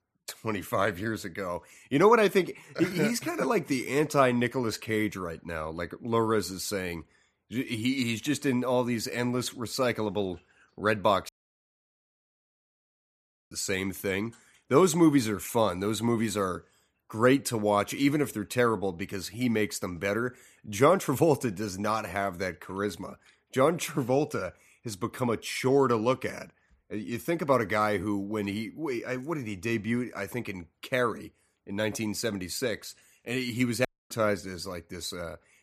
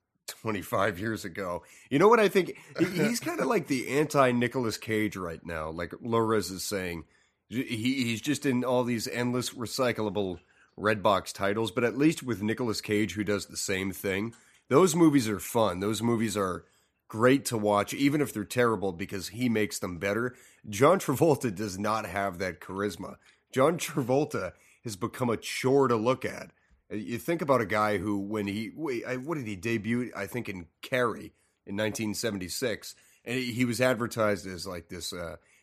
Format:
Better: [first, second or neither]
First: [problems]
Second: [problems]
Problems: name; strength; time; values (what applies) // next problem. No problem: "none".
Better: second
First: audio cutting out; at 11 s for 2 s and at 34 s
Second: none